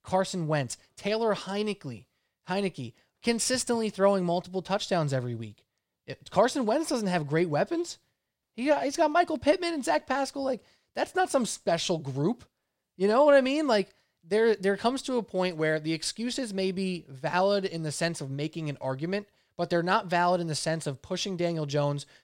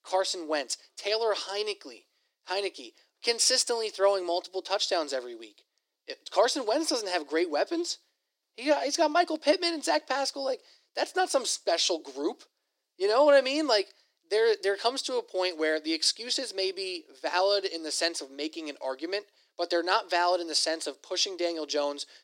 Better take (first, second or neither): first